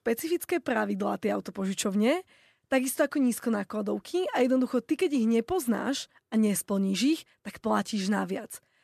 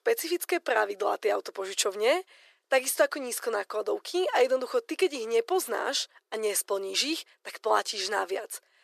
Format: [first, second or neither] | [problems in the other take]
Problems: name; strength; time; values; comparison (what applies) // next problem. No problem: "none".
first | thin; very; fading below 400 Hz